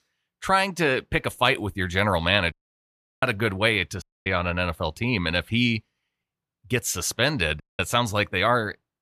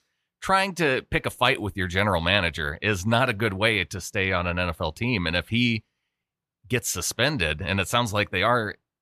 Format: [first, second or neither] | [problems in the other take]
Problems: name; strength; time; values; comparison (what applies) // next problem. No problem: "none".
second | audio cutting out; at 2.5 s for 0.5 s, at 4 s and at 7.5 s